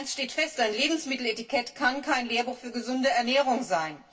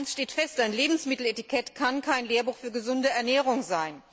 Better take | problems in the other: second | room echo; dies away in 0.2 s

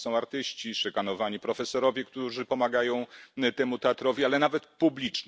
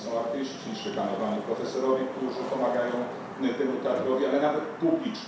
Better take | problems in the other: first | background sound (Wind / Rain); 10 dB below the speech // room echo; dies away in 0.7 s

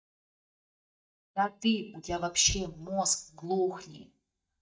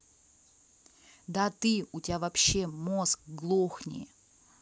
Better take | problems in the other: second | noise reduction (neural mask model DeepFilterNet 3)

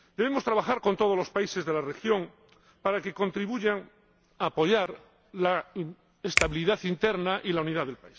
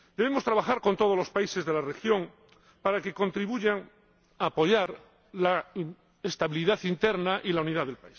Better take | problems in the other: second | background sound (Finger snapping); 5 dB below the speech

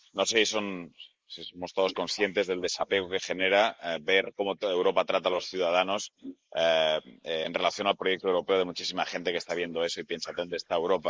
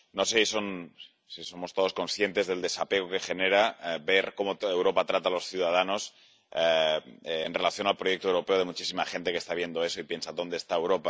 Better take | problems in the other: second | noise reduction (neural mask model Resemble Enhance denoiser)

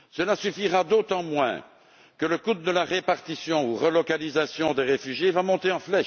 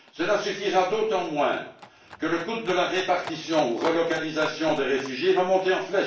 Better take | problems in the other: first | background sound (Livestock, farm animals, working animals); 17 dB below the speech // room echo; dies away in 0.3 s

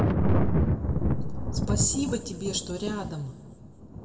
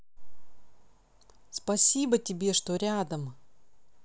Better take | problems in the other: second | background sound (Thunder); 2 dB above the speech // room echo; dies away in 1.7 s

